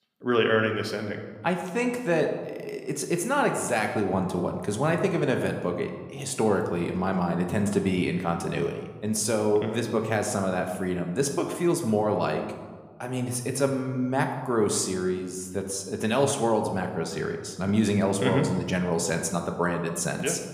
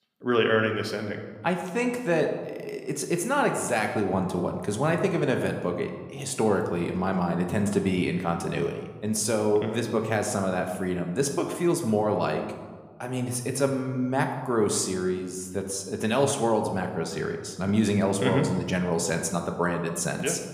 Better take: neither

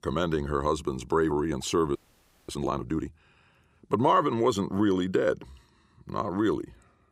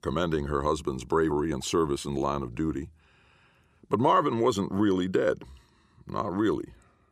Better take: second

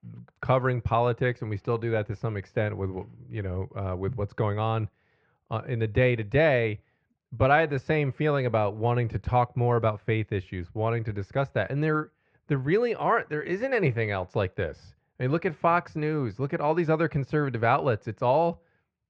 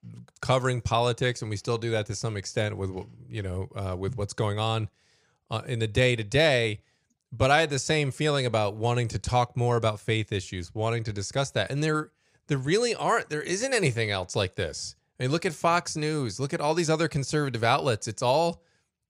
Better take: second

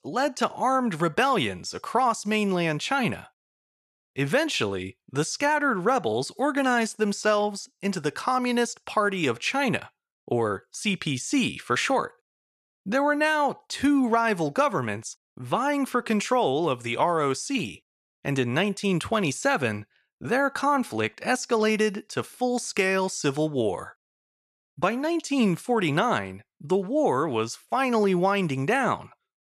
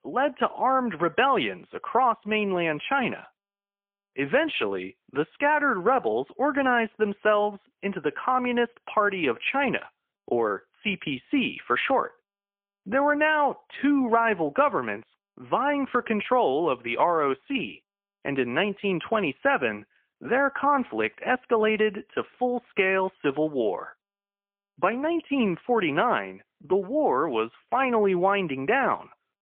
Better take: first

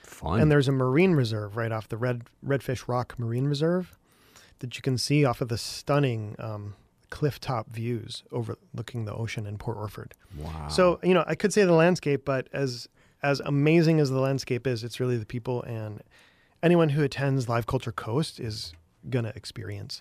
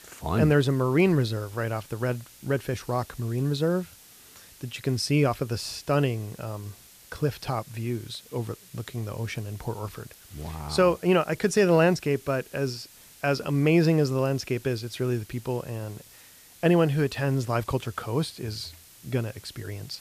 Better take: first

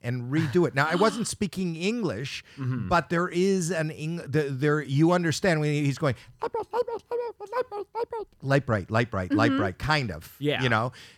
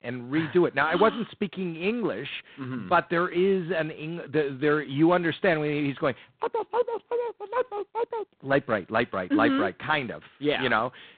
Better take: first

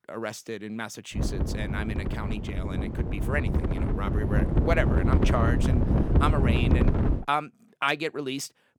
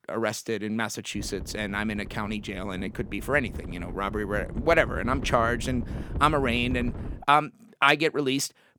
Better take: second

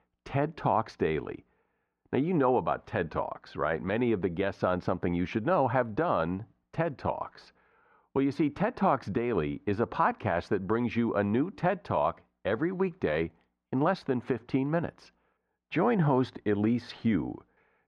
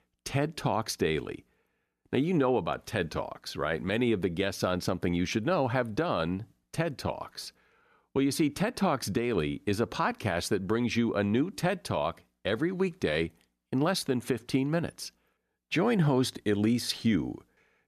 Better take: second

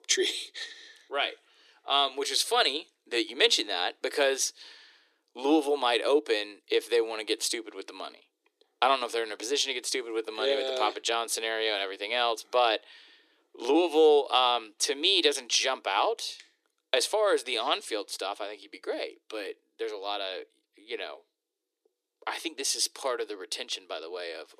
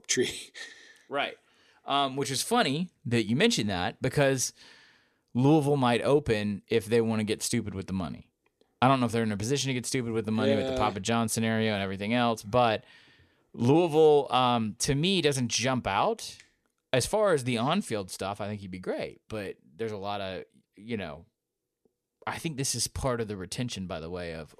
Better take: second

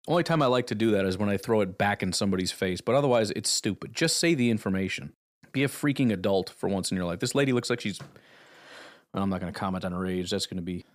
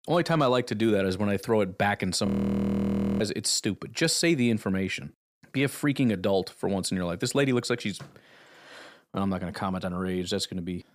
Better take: first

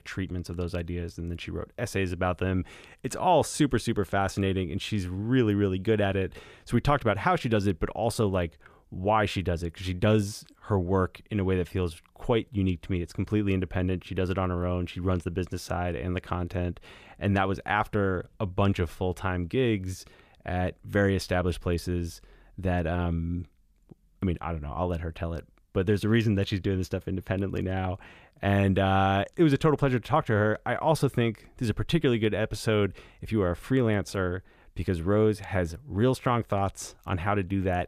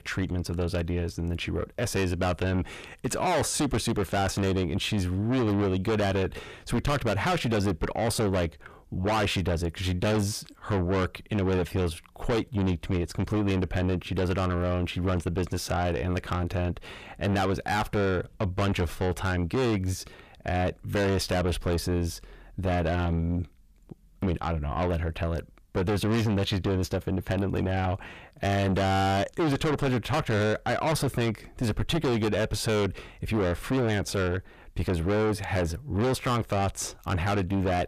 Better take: first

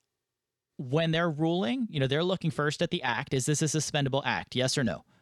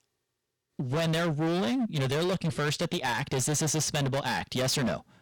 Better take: first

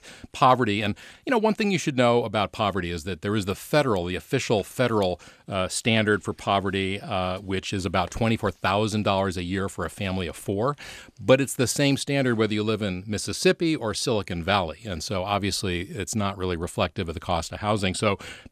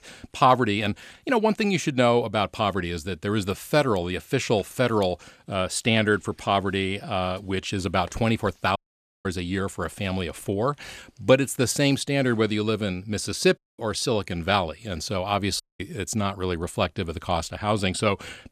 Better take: first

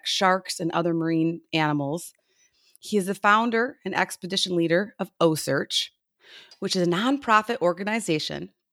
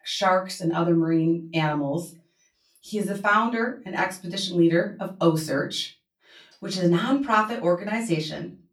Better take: first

